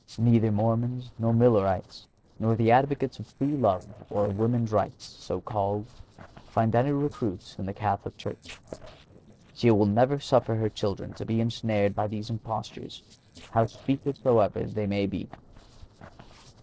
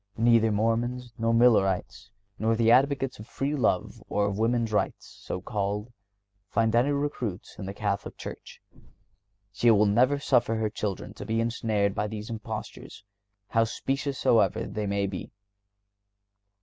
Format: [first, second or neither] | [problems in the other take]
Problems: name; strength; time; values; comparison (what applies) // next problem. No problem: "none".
second | noise reduction (neural separator model SepFormer DNS4)